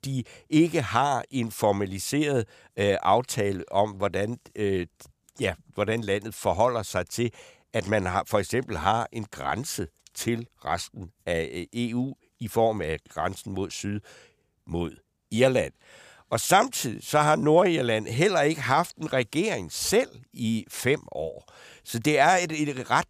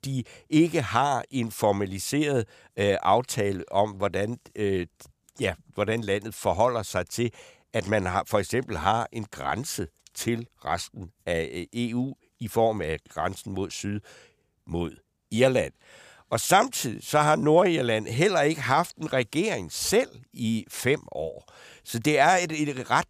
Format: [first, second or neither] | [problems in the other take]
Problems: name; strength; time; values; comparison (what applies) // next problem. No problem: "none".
neither | none